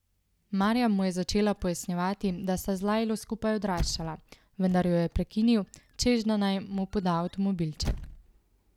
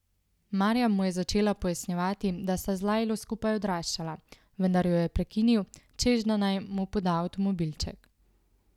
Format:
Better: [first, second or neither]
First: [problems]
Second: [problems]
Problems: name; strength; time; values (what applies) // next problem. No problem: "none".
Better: second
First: background sound (Squeak / Slam / Wood); 14 dB below the speech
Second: none